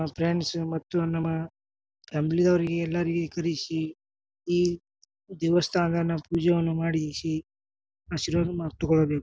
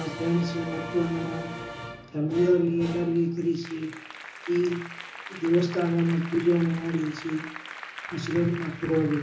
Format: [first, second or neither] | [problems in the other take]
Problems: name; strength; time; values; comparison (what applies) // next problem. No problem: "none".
first | background sound (Applause); 13 dB below the speech // room echo; dies away in 0.6 s